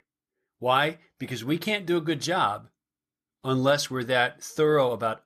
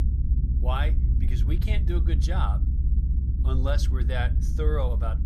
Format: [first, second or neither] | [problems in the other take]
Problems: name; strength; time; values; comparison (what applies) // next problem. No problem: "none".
first | low rumble; loud; throughout; 8 dB below the speech